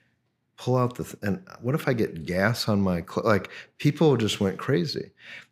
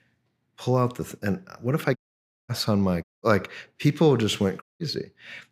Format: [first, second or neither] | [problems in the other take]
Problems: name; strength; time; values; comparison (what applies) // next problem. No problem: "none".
first | audio cutting out; at 2 s for 0.5 s, at 3 s and at 4.5 s